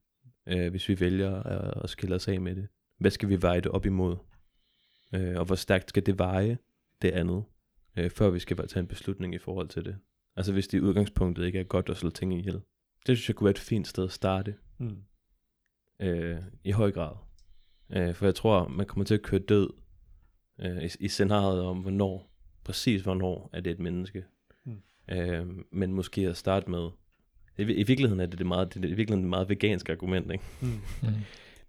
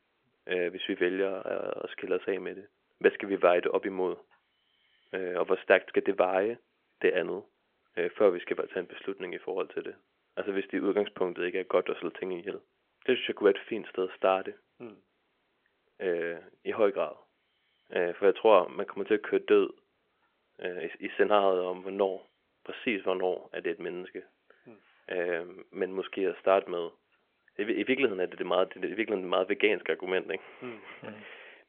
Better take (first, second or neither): first